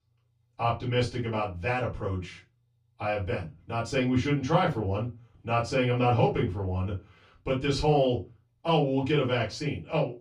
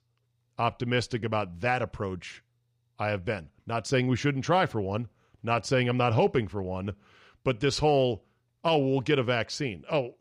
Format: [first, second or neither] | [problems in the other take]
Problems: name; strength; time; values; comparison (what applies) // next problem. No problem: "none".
second | off-mic speech; far // room echo; slight; dies away in 0.2 s